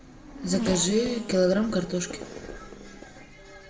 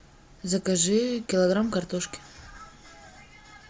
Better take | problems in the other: second | background sound (Race car, auto racing / Accelerating, revving, vroom); 10 dB below the speech // room echo; dies away in 0.5 s

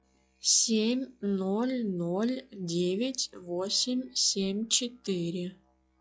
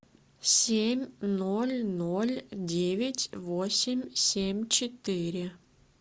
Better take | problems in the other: second | noise reduction (classical method log-MMSE)

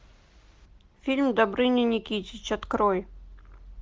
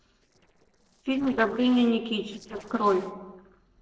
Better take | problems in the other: first | noise reduction (neural separator model SepFormer DNS4)

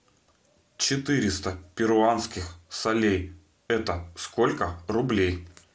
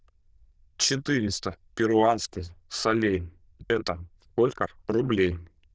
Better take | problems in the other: first | noise reduction (neural diffusion model UNIVERSE++)

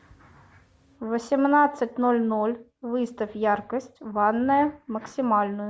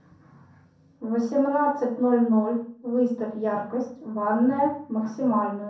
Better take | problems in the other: first | room echo; dies away in 0.6 s

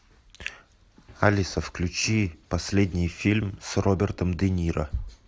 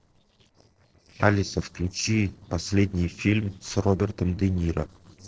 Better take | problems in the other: first | noise reduction (neural separator model SepFormer DNS4)

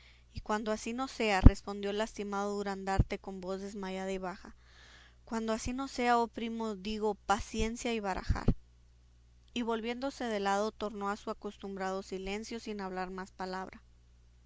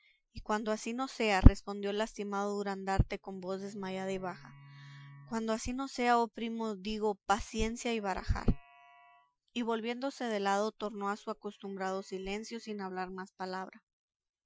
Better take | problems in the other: first | noise reduction (classical method Wiener filter)

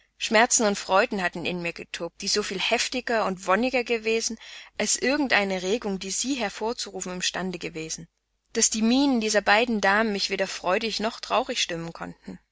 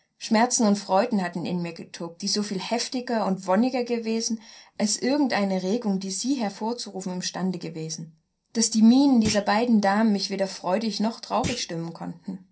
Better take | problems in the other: first | background sound (Thump, thud); 10 dB below the speech // room echo; dies away in 0.3 s

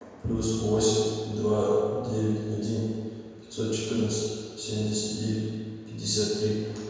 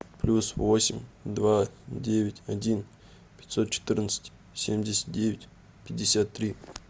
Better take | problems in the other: second | room echo; dies away in 1.9 s

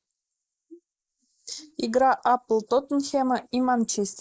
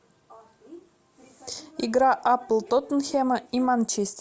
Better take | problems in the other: second | noise reduction (neural mask model Resemble Enhance denoiser)

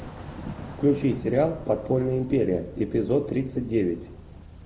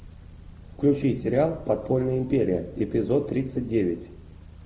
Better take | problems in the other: second | background sound (Thunder / Rain); 17 dB below the speech

